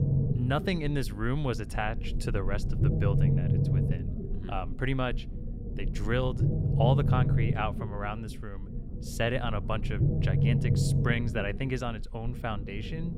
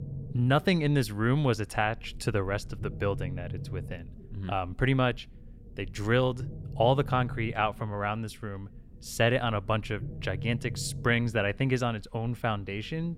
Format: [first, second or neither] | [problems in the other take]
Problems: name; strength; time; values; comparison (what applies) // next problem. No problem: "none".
second | low rumble; loud; throughout; 6 dB below the speech; faint in the second